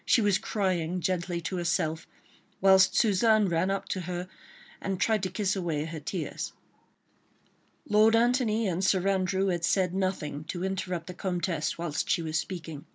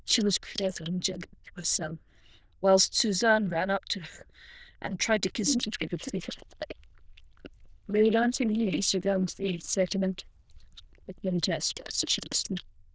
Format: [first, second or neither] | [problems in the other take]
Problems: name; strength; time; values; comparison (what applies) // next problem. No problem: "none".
first | noise reduction (neural diffusion model UNIVERSE++)